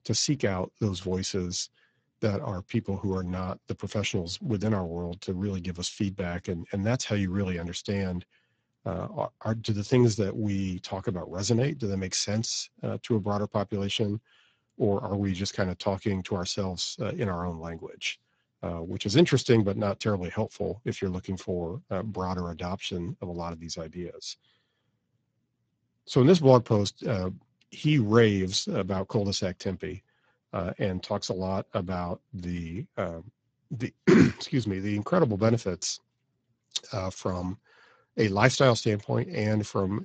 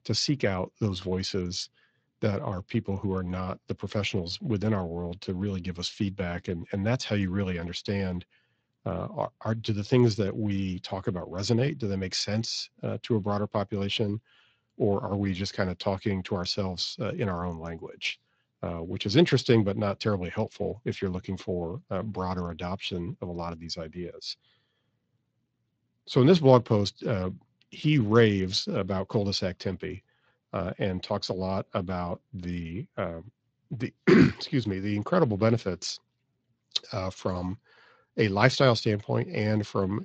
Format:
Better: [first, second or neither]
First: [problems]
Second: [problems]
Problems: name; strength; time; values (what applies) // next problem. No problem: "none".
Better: second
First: garbled, watery; badly; nothing above 7.5 kHz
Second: garbled, watery; slightly